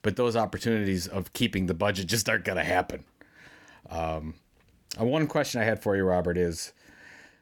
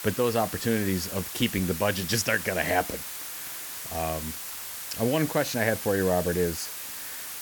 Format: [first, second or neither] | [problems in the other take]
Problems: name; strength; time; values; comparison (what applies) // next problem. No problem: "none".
first | hiss; loud; throughout; 7 dB below the speech